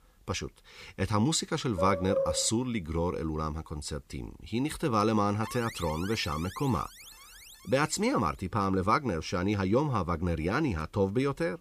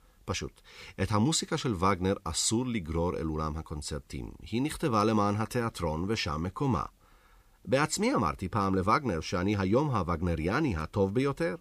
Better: second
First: dog barking; noticeable; at 2 s; peak 1 dB below the speech // alarm; faint; from 5.5 to 8.5 s; peak 10 dB below the speech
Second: none

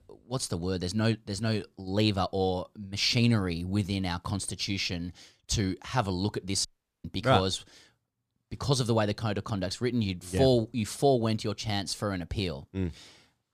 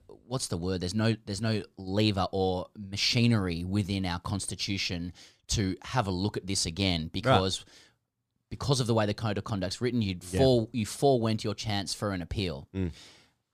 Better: second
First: audio cutting out; at 6.5 s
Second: none

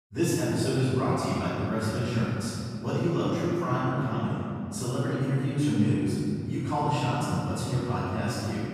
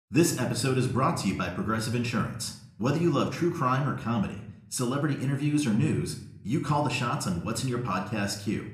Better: second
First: room echo; strong; dies away in 2.8 s // off-mic speech; far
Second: room echo; slight; dies away in 0.5 s

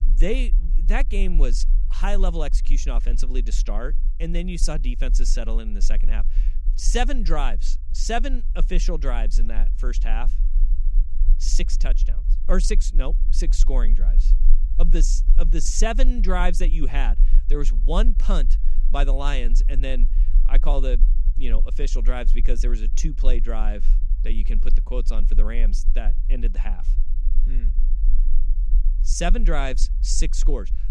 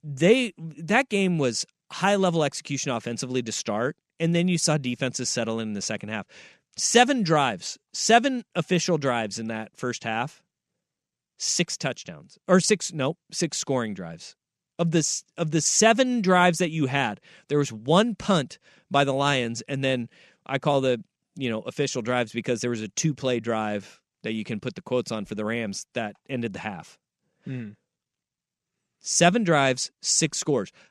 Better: second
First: low rumble; noticeable; throughout; 20 dB below the speech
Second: none

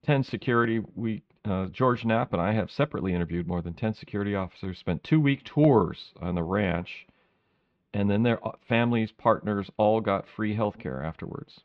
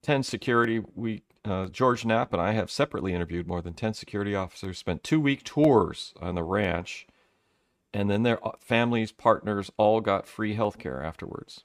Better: second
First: muffled; slightly; fading above 3.5 kHz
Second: none

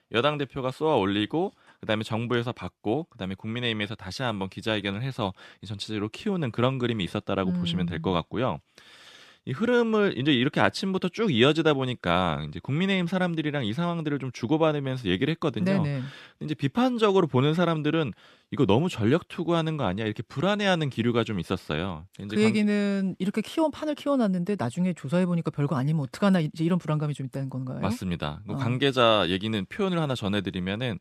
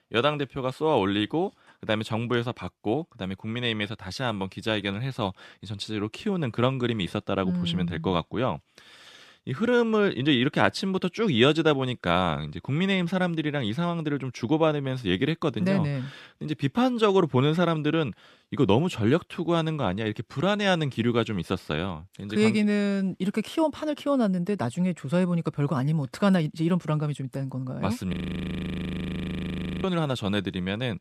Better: first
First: none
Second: audio freezing; at 28 s for 1.5 s

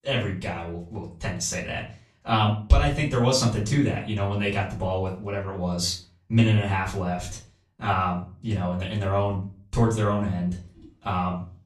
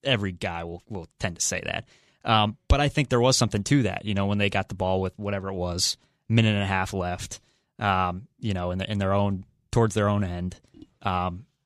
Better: second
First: off-mic speech; far // room echo; slight; dies away in 0.3 s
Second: none

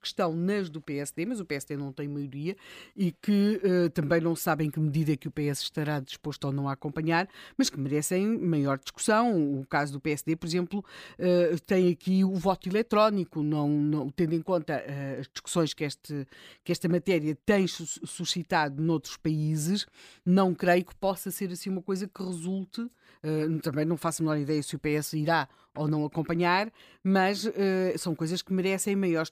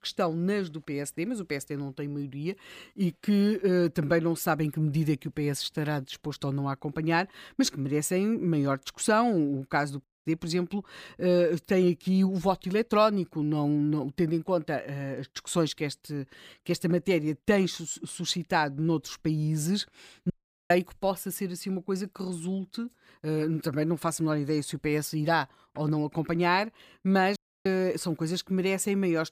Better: first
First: none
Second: audio cutting out; at 10 s, at 20 s and at 27 s

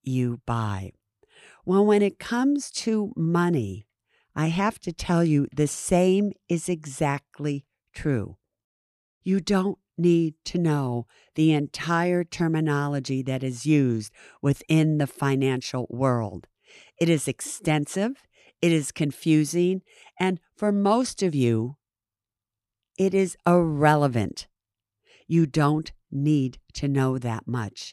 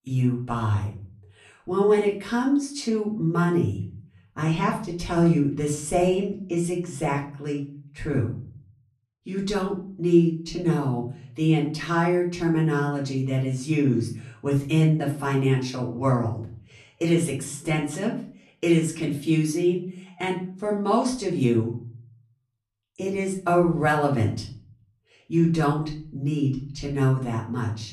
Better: first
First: none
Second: off-mic speech; far // room echo; slight; dies away in 0.4 s

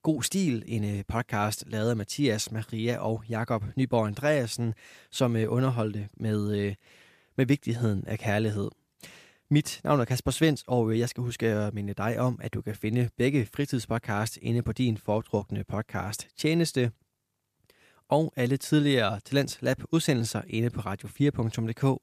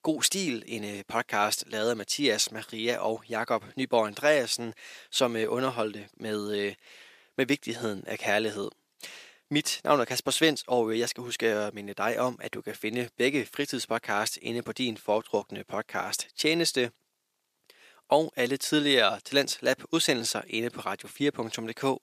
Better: first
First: none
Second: thin; somewhat; fading below 350 Hz

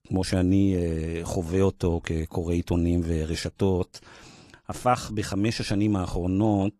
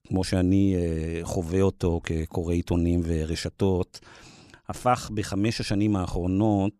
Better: second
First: garbled, watery; slightly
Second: none

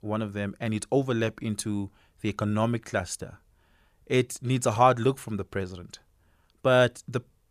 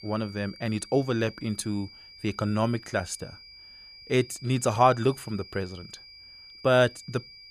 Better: first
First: none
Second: high-pitched whine; noticeable; throughout; 5 kHz, 20 dB below the speech

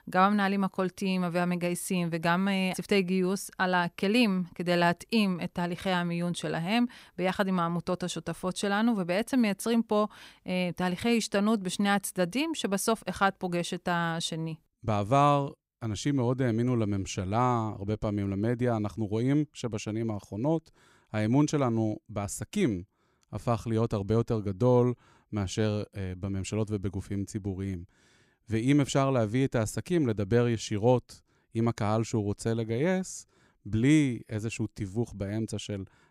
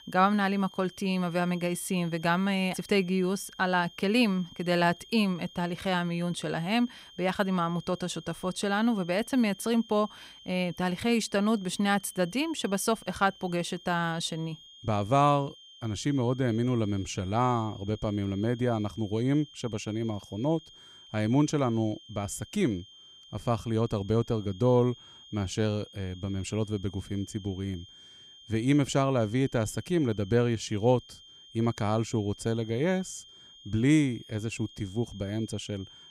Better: first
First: none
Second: high-pitched whine; faint; throughout; 3 kHz, 20 dB below the speech

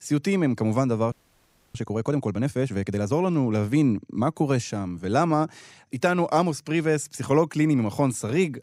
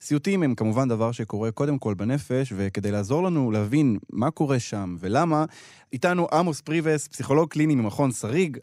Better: second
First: audio freezing; at 1 s for 0.5 s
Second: none

